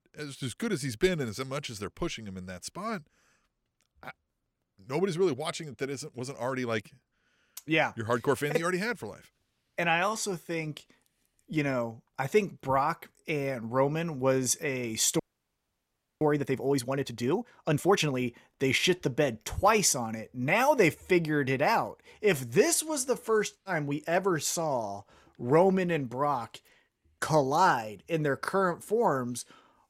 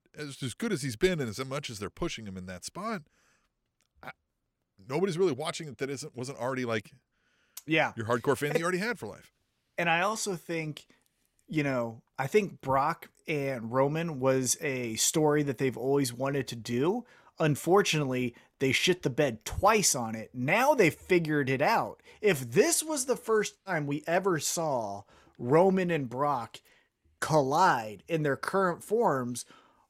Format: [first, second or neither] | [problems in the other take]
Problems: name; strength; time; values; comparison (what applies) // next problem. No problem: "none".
second | audio freezing; at 15 s for 1 s